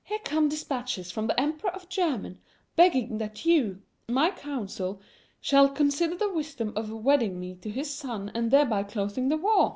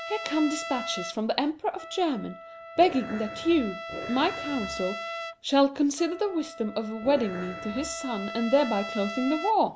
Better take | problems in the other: first | background sound (Trumpet + Growling); 10 dB below the speech

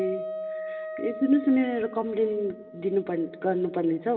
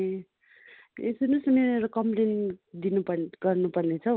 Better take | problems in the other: second | background sound (Wind instrument, woodwind instrument); 11 dB below the speech // room echo; dies away in 1.8 s

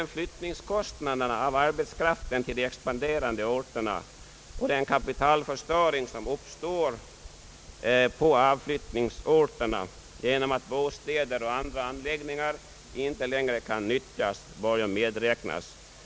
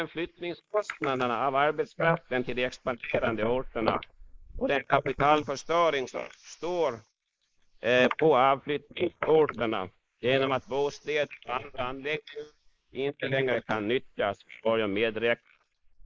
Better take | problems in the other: first | noise reduction (neural mask model Resemble Enhance denoiser)

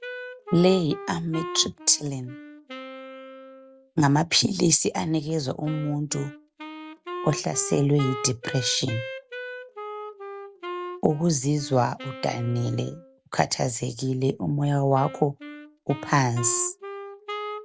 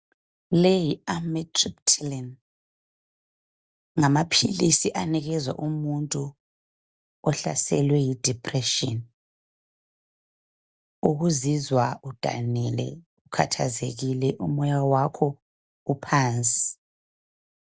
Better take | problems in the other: second | background sound (Wind instrument, woodwind instrument); 12 dB below the speech

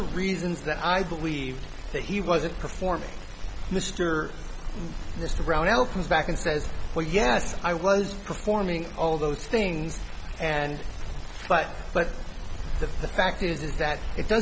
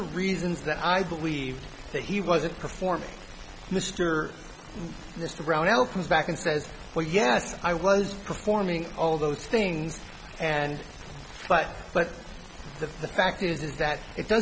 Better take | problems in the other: second | background sound (Bird); 4 dB below the speech

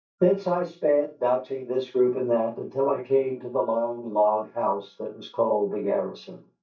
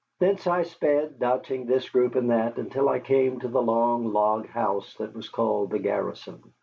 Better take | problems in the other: second | noise reduction (neural mask model DeepFilterNet 3)

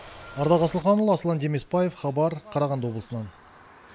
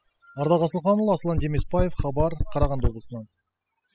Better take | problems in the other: first | noise reduction (classical method spectral subtraction)

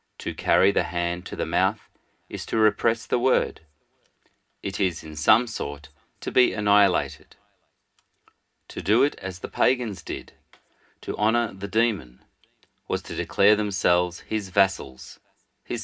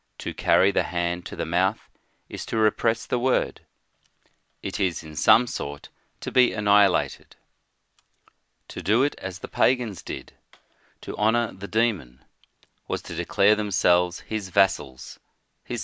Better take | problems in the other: second | room echo; dies away in 0.3 s

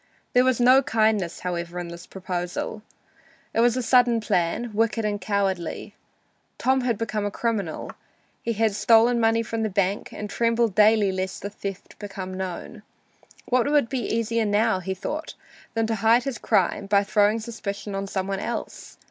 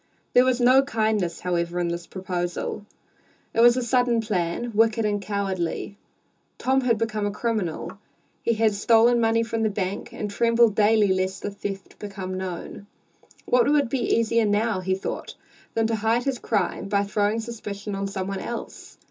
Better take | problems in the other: first | room echo; dies away in 0.2 s

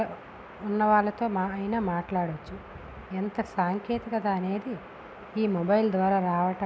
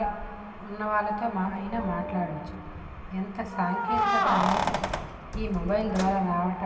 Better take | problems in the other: first | background sound (Keys jangling); 2 dB below the speech // room echo; dies away in 2.3 s

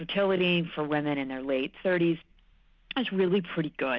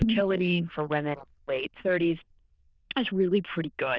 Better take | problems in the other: first | noise reduction (neural diffusion model UNIVERSE++)

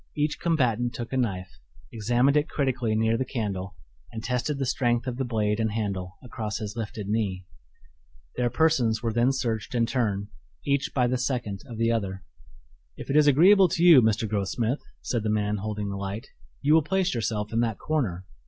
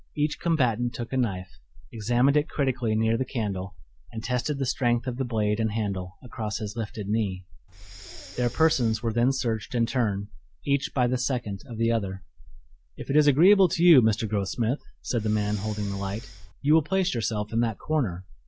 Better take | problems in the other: first | background sound (Breathing); 17 dB below the speech

